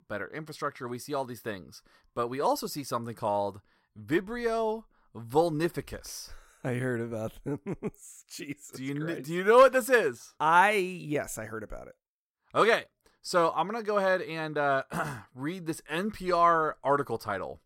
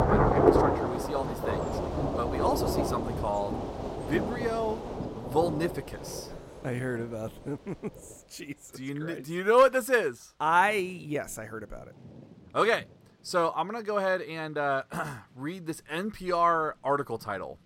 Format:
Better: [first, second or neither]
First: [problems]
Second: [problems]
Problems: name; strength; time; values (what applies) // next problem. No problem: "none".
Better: first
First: none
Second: rain or running water; loud; throughout; as loud as the speech